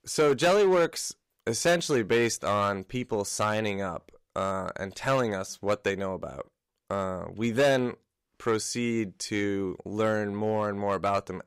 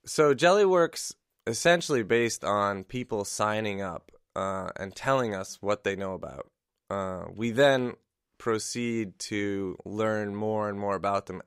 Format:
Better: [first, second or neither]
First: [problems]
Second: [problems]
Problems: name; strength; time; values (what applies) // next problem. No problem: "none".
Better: second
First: distortion; slight; 4% of the sound clipped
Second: none